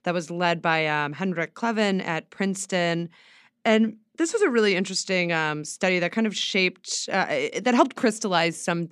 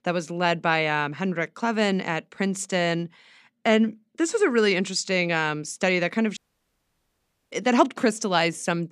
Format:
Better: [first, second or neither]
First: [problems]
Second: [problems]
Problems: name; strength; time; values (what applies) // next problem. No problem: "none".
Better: first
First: none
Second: audio cutting out; at 6.5 s for 1 s